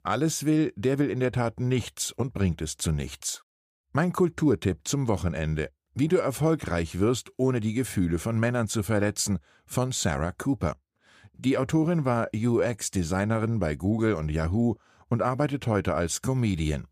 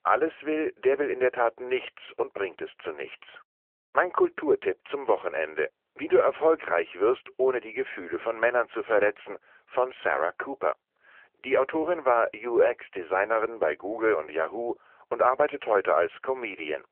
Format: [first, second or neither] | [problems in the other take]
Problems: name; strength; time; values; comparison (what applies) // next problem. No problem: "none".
first | phone-call audio